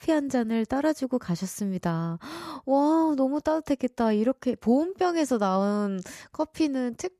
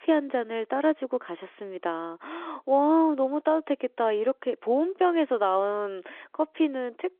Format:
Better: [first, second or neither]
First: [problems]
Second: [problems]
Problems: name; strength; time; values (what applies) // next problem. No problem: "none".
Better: first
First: none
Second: phone-call audio; nothing above 3.5 kHz